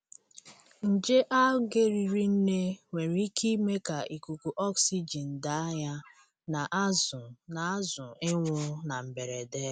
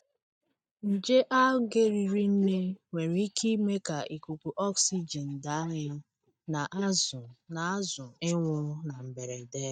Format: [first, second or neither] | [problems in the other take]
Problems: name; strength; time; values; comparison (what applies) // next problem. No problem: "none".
first | noise reduction (neural mask model DeepFilterNet 3)